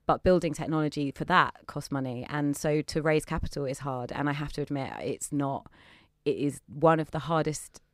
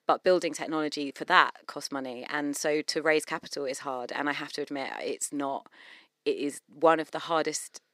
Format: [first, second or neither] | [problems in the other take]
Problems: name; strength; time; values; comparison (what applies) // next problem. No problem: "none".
first | thin; somewhat; fading below 300 Hz